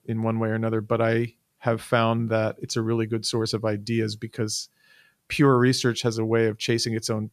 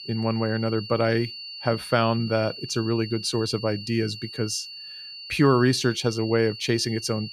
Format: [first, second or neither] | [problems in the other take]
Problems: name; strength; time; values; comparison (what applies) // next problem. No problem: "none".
first | high-pitched whine; noticeable; throughout; 4.5 kHz, 10 dB below the speech